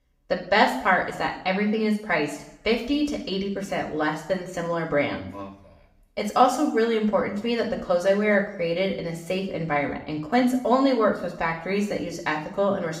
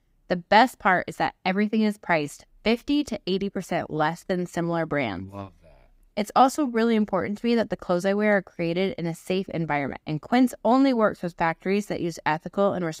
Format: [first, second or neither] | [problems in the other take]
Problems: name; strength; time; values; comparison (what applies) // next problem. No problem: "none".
second | room echo; slight; dies away in 0.6 s // off-mic speech; somewhat distant